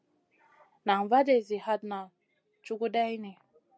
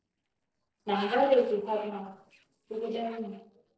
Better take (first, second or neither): first